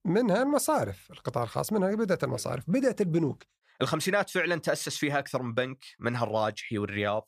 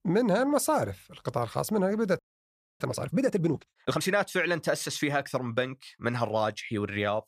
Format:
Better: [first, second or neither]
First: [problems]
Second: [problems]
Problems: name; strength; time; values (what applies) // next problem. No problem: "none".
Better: first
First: none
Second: audio freezing; at 2 s for 0.5 s